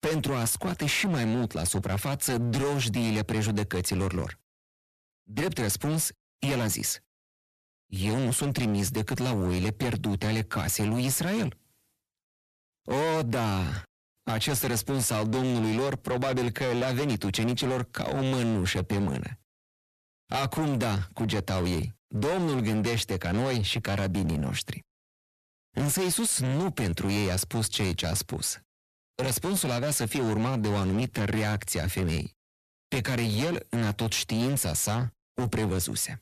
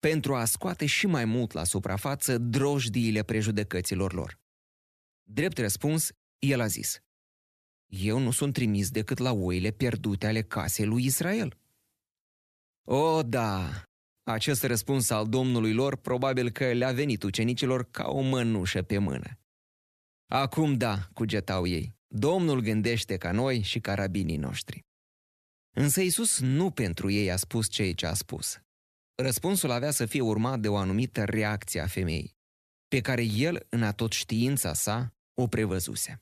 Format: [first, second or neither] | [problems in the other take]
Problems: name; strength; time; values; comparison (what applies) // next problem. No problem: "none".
second | distortion; heavy; 23% of the sound clipped